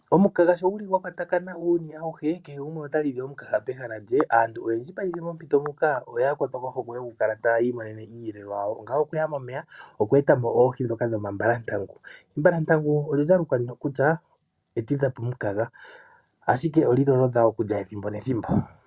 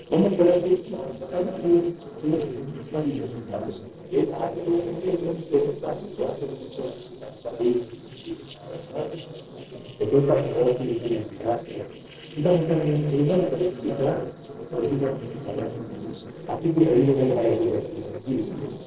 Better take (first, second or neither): first